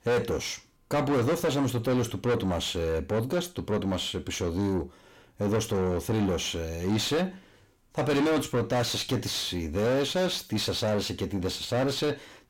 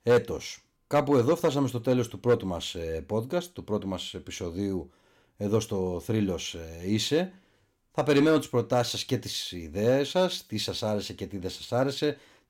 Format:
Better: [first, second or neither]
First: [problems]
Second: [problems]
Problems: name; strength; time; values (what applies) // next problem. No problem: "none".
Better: second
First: distortion; heavy; 6 dB below the speech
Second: none